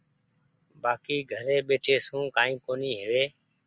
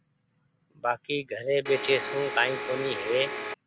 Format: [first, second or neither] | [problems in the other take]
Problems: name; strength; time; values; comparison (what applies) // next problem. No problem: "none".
first | background sound (Domestic sounds, home sounds); 5 dB below the speech